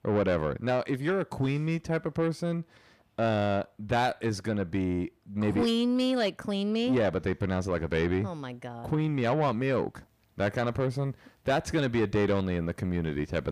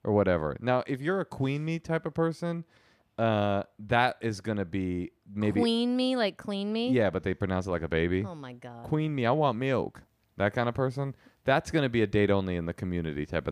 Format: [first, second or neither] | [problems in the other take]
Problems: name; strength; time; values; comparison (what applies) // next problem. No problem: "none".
second | distortion; slight; 10 dB below the speech